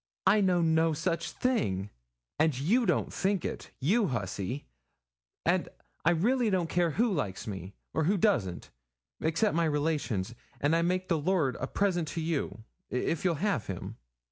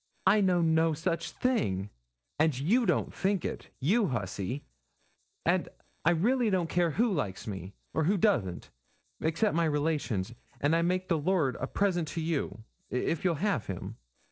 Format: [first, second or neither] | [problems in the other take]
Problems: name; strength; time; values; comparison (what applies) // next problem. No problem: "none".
first | noise reduction (neural separator model SepFormer DNS4)